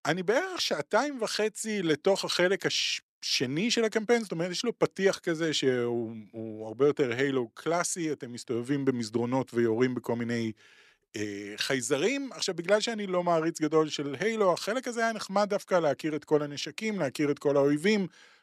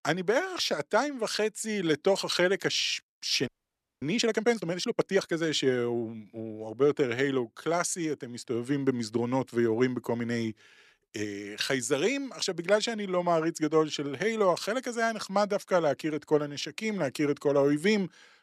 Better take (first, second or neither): first